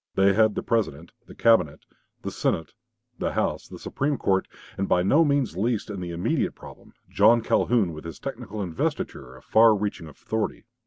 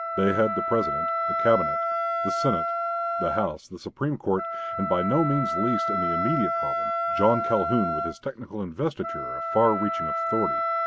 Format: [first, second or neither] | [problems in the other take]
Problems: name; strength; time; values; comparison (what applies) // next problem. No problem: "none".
first | background sound (Wind instrument, woodwind instrument); 1 dB below the speech